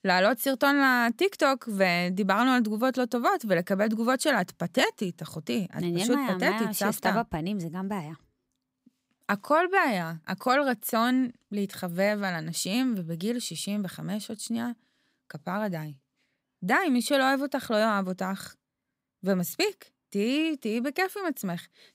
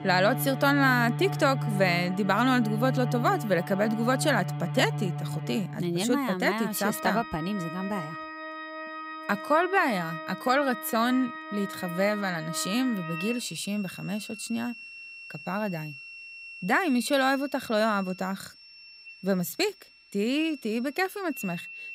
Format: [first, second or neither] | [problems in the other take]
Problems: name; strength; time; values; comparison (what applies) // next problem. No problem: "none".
first | background music; loud; throughout; 9 dB below the speech